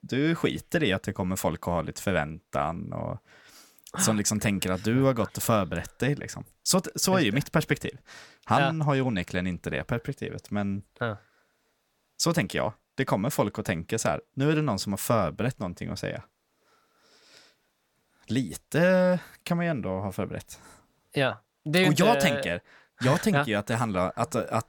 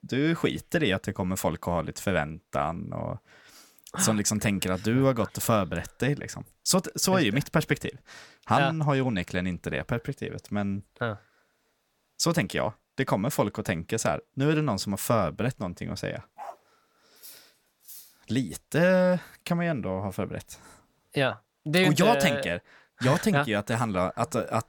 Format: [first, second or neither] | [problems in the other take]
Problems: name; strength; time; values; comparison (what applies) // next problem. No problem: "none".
first | dog barking; faint; at 16 s; peak 15 dB below the speech // clattering dishes; faint; at 17 s; peak 20 dB below the speech